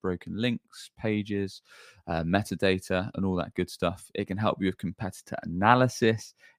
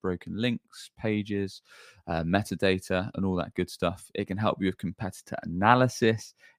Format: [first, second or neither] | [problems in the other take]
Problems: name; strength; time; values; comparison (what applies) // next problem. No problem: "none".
neither | none